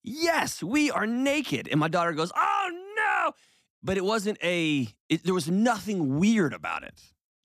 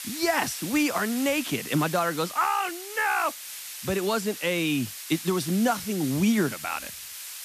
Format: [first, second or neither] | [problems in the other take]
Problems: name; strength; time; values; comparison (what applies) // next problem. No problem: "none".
first | hiss; loud; throughout; 9 dB below the speech